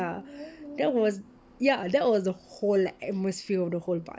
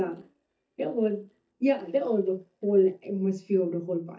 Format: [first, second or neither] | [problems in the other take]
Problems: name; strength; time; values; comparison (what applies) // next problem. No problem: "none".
first | noise reduction (neural mask model DeepFilterNet 3)